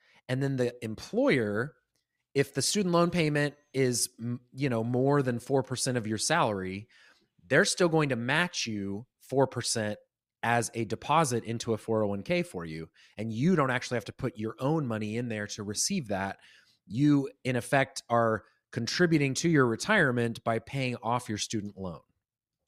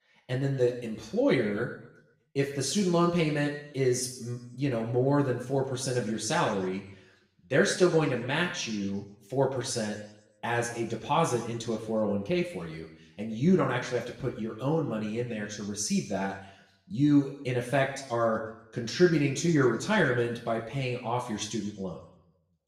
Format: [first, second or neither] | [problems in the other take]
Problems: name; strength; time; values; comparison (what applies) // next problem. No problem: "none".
first | room echo; slight; dies away in 0.8 s // off-mic speech; far